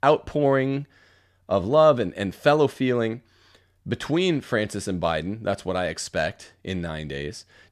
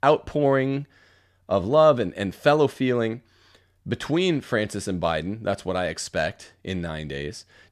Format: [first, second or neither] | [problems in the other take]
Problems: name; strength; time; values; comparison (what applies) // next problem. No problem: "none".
neither | none